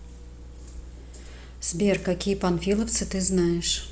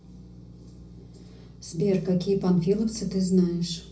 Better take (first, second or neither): first